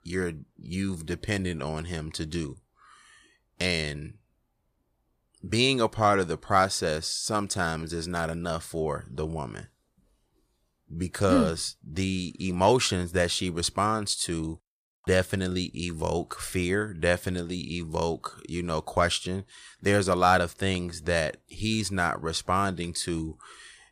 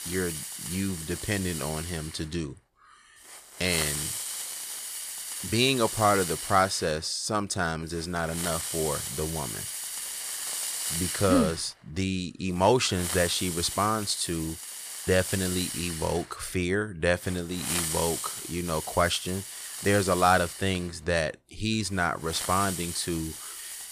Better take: first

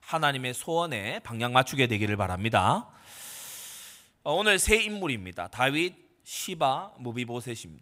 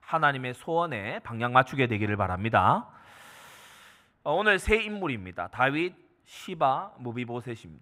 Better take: first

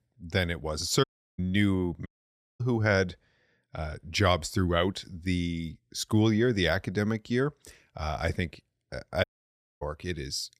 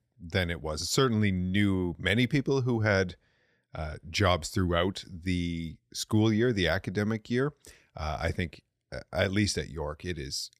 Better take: second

